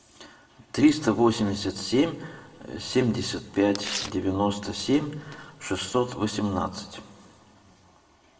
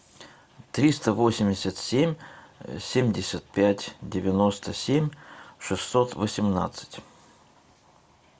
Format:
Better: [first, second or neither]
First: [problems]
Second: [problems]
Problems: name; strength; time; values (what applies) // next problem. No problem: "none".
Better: second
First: background sound (Tearing); 12 dB below the speech // room echo; dies away in 0.8 s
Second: none